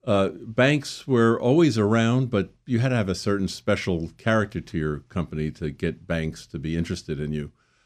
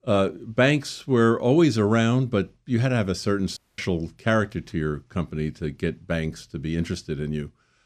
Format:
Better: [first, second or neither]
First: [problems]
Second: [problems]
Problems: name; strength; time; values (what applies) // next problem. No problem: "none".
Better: first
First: none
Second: audio cutting out; at 3.5 s